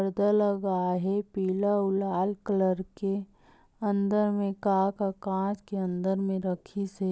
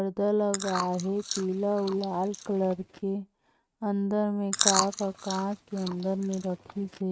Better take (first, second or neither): first